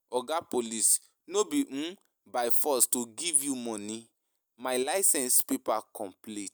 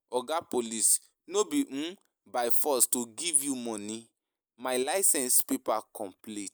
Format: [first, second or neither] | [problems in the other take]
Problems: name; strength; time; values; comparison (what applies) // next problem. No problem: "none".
first | noise reduction (neural mask model Resemble Enhance denoiser)